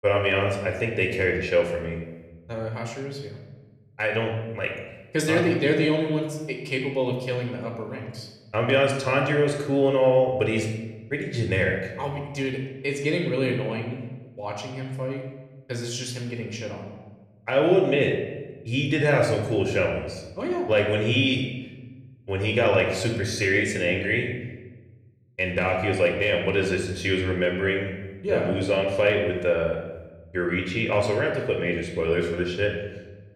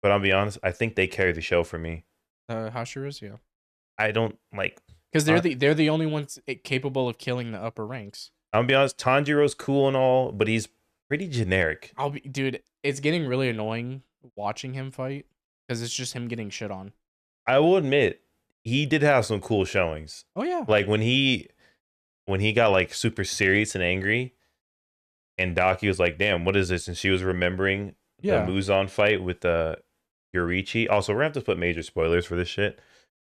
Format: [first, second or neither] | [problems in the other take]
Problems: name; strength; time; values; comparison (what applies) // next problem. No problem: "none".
second | room echo; slight; dies away in 1 s // off-mic speech; somewhat distant